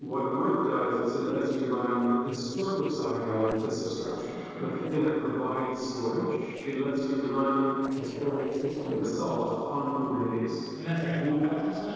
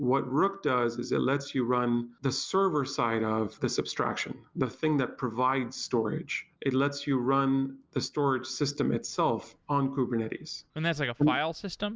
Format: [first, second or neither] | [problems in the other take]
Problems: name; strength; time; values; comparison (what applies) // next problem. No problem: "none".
second | noise reduction (neural separator model SepFormer DNS4)